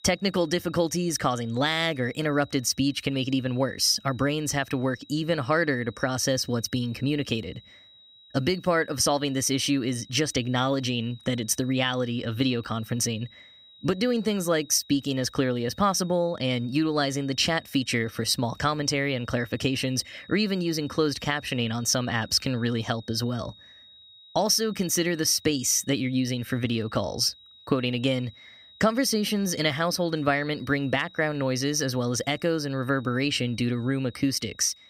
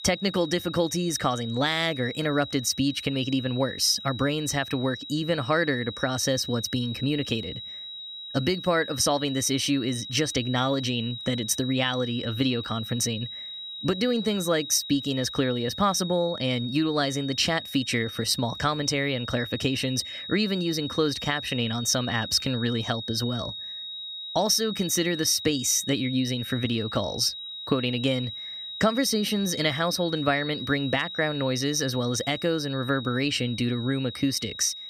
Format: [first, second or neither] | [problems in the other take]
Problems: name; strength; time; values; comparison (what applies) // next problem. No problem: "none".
first | high-pitched whine; loud; throughout; 4 kHz, 9 dB below the speech; faint in the first